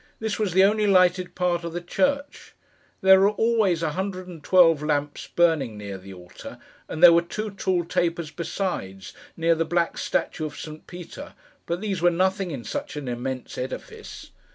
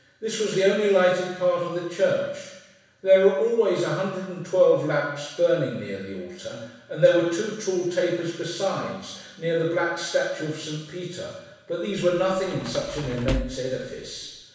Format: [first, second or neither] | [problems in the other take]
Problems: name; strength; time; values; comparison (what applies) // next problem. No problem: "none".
first | background sound (Sliding door / Slam); 11 dB below the speech // room echo; dies away in 1.1 s